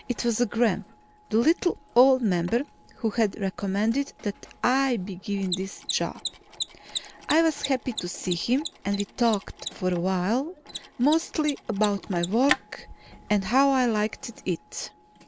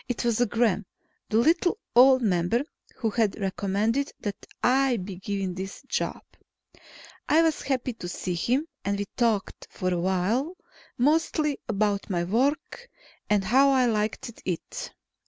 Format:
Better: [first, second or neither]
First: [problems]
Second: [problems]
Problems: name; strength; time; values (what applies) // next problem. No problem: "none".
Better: second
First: background sound (Mechanisms); 14 dB below the speech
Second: none